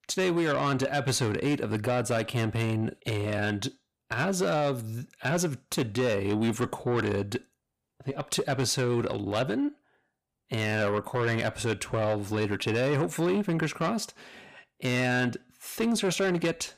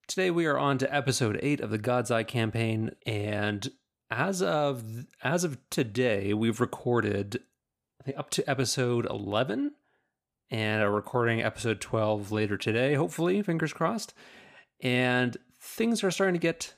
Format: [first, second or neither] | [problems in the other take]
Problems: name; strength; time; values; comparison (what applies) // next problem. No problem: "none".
second | distortion; slight; 10 dB below the speech